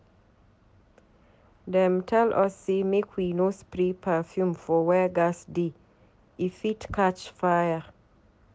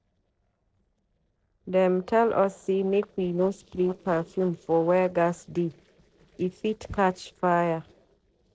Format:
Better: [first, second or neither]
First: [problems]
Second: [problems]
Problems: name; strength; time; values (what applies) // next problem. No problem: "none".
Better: first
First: none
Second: noise reduction (neural separator model SepFormer DNS4)